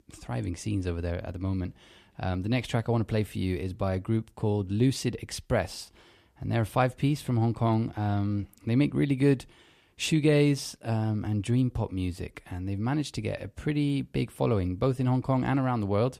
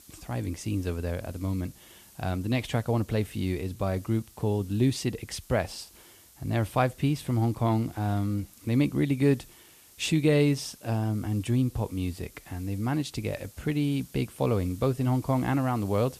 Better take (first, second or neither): first